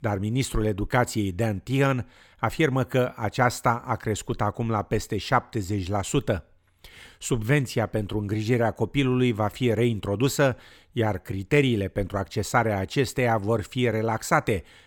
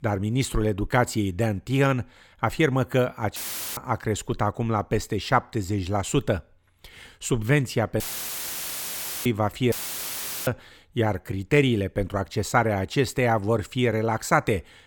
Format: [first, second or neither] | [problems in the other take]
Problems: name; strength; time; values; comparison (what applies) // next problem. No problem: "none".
first | audio cutting out; filled with static; at 3.5 s, at 8 s for 1.5 s and at 9.5 s for 1 s